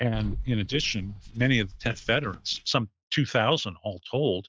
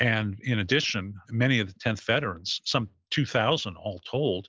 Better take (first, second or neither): second